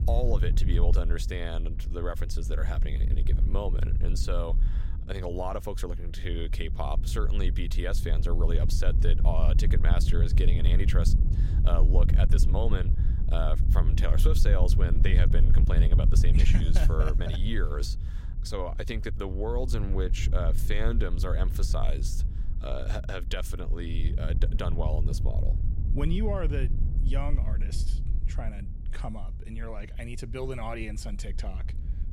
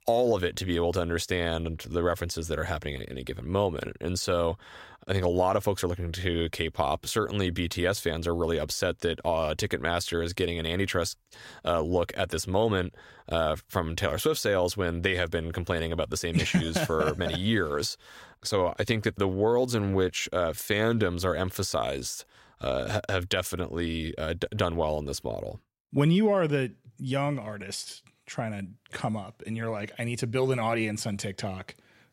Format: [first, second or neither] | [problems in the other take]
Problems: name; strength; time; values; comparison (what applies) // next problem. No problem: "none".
second | wind noise on the microphone; heavy; 8 dB below the speech